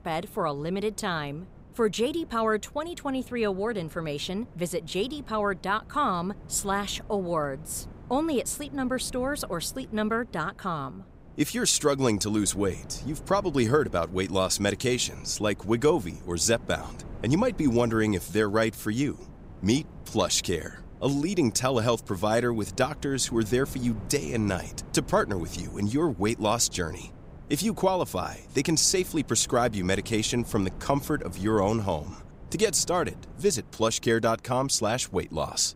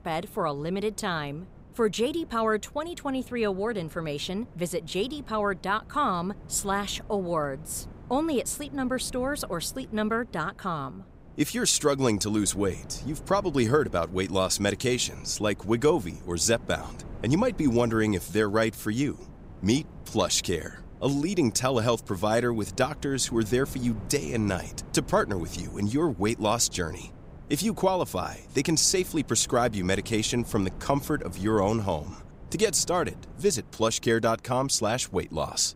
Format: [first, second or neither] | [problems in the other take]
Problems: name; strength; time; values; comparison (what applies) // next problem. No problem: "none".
neither | wind noise on the microphone; occasional gusts; 25 dB below the speech; the same in both